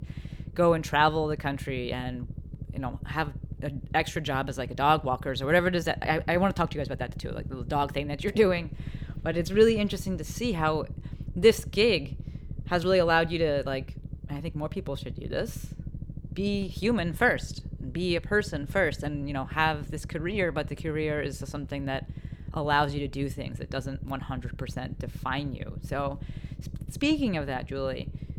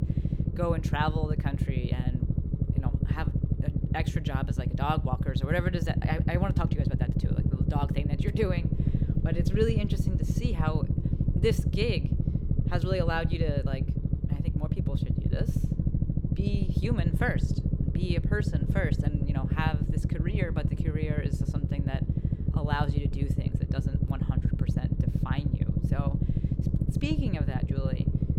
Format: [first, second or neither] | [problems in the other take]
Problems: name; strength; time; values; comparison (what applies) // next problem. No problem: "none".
first | low rumble; loud; throughout; 4 dB below the speech; faint in the first